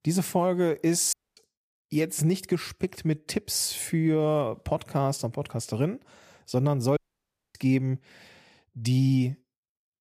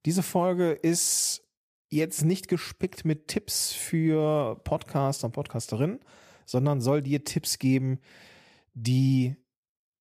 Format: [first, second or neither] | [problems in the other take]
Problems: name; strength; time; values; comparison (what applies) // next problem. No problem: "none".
second | audio cutting out; at 1 s and at 7 s for 0.5 s